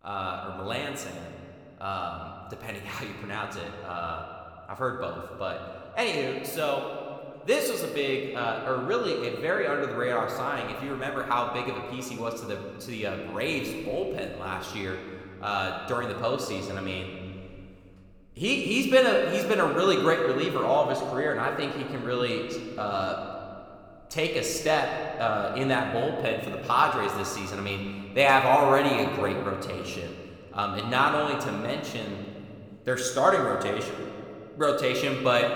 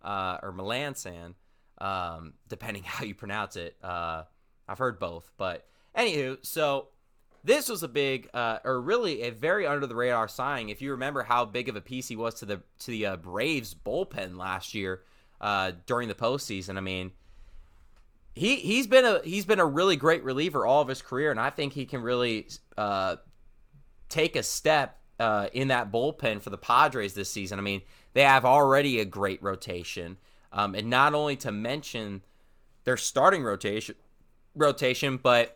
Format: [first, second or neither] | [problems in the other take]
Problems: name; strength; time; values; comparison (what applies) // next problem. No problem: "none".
second | room echo; slight; dies away in 1.9 s